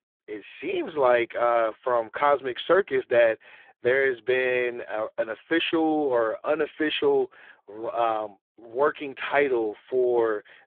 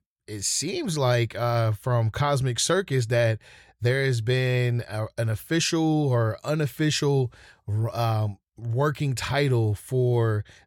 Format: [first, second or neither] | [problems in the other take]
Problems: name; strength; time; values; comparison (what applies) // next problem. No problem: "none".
second | phone-call audio; poor line; nothing above 3.5 kHz